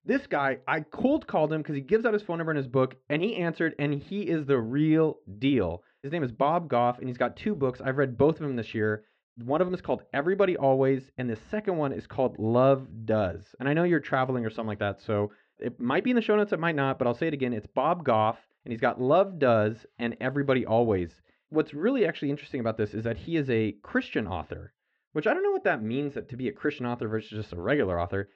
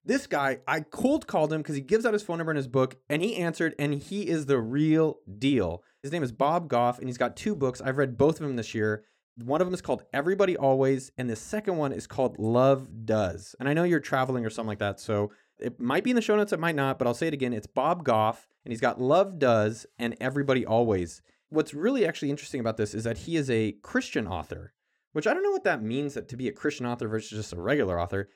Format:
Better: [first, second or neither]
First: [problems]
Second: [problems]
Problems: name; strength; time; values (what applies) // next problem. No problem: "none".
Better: second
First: muffled; slightly; fading above 3.5 kHz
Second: none